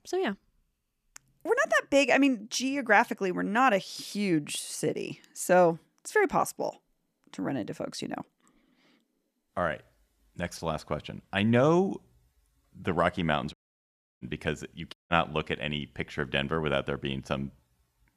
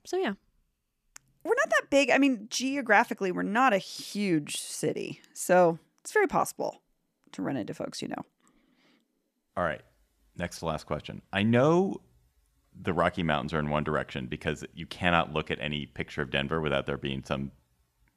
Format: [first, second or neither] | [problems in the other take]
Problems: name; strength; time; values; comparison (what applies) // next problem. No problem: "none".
second | audio cutting out; at 14 s for 0.5 s and at 15 s